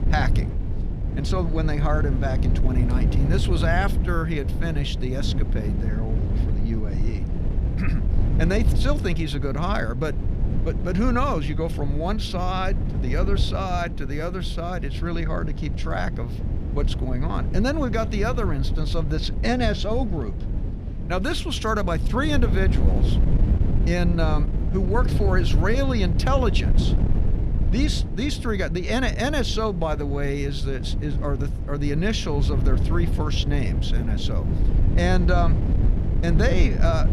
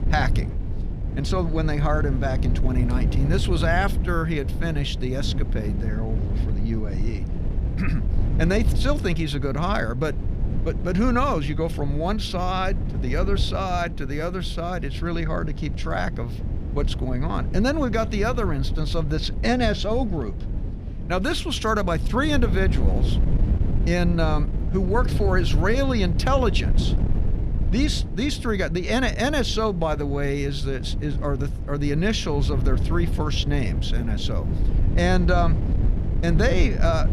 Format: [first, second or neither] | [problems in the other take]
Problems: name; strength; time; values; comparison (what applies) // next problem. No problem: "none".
second | wind noise on the microphone; heavy; 9 dB below the speech; occasional gusts in the second